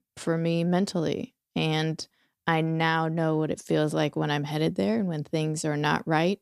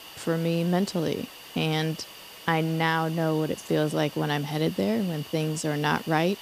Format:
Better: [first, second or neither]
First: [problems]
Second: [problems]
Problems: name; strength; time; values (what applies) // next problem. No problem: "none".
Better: first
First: none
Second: hiss; noticeable; throughout; 15 dB below the speech